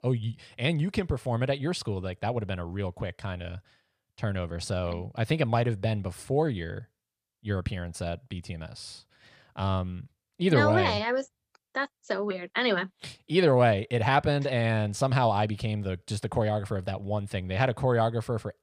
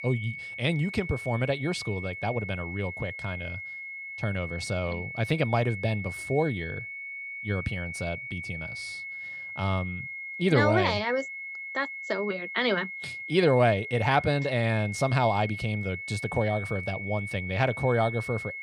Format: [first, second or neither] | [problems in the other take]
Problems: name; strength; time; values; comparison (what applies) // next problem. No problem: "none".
first | high-pitched whine; loud; throughout; 2 kHz, 7 dB below the speech